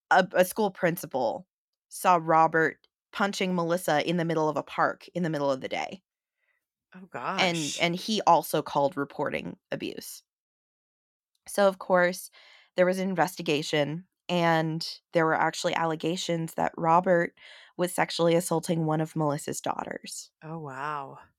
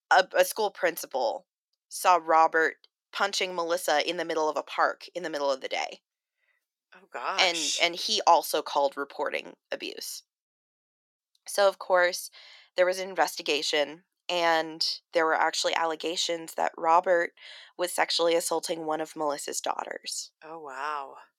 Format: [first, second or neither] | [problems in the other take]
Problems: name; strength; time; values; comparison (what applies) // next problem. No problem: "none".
first | thin; very; fading below 400 Hz